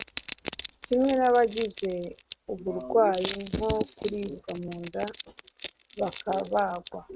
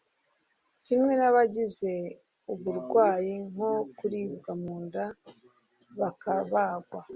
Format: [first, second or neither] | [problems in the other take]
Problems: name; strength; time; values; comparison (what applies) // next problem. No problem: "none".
second | noise reduction (neural mask model RNNoise)